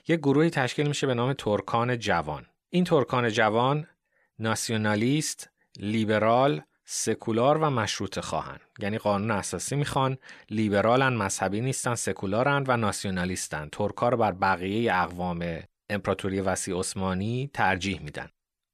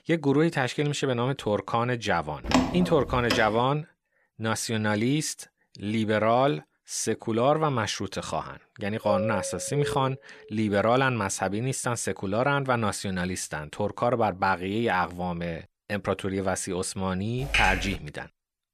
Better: first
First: none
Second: door banging; loud; at 2.5 s; peak 2 dB above the speech // doorbell; noticeable; from 9 to 10 s; peak 2 dB below the speech // keyboard typing; loud; at 17 s; peak 2 dB above the speech

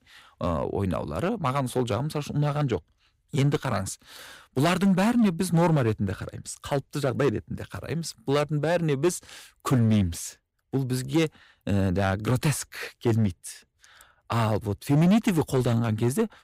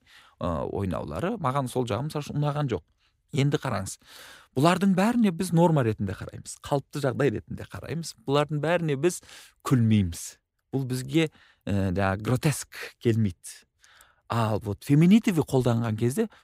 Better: second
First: distortion; slight; 5% of the sound clipped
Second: none

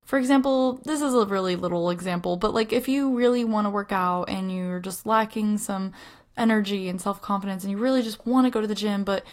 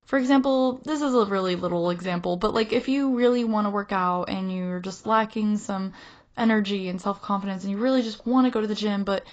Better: first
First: garbled, watery; slightly; nothing above 14.5 kHz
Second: garbled, watery; badly; nothing above 7.5 kHz

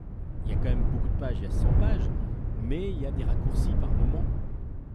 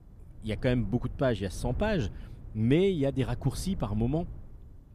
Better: second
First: wind noise on the microphone; heavy; as loud as the speech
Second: wind noise on the microphone; occasional gusts; 25 dB below the speech

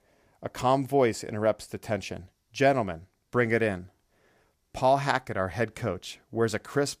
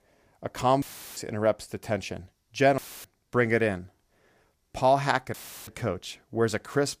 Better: first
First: none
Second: audio cutting out; filled with static; at 1 s, at 3 s and at 5.5 s

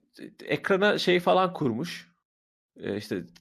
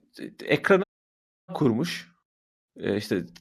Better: first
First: none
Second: audio cutting out; at 1 s for 0.5 s

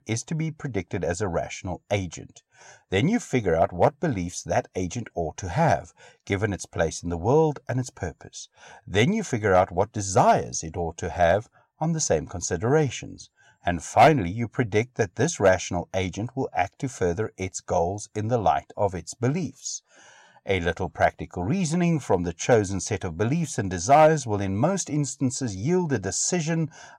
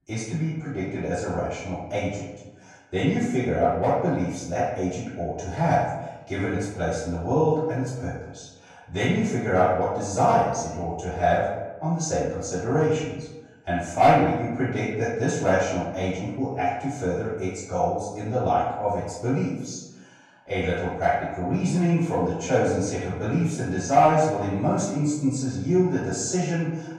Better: first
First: none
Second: off-mic speech; far // room echo; noticeable; dies away in 0.9 s

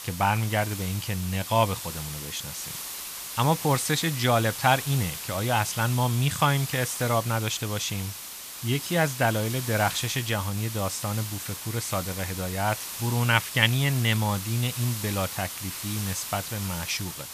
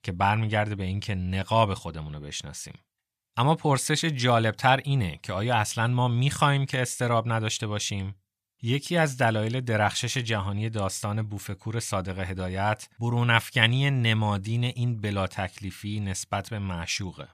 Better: second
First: hiss; loud; throughout; 7 dB below the speech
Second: none

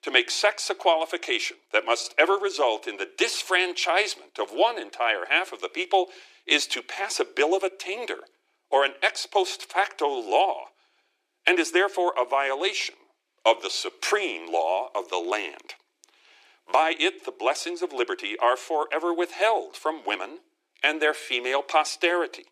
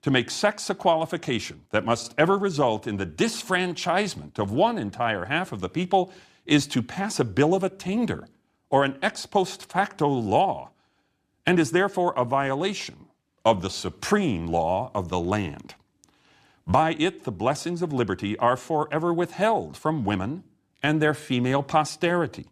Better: second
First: thin; very; fading below 350 Hz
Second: none

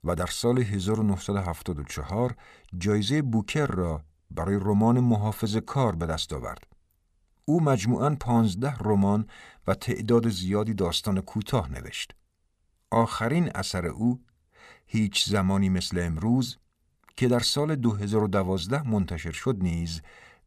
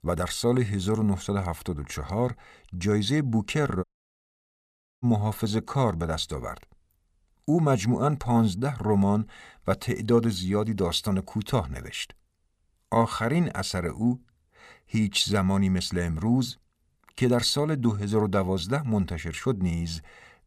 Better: first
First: none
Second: audio cutting out; at 4 s for 1 s

